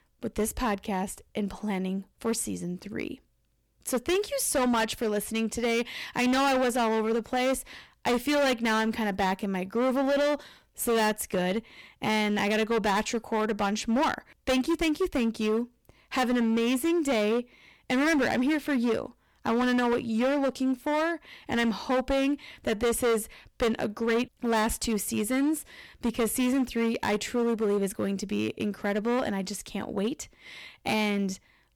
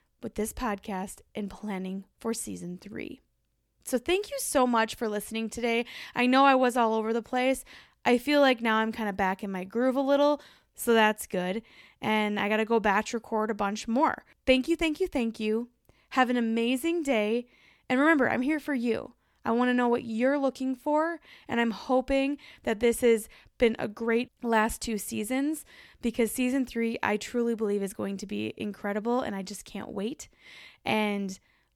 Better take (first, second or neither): second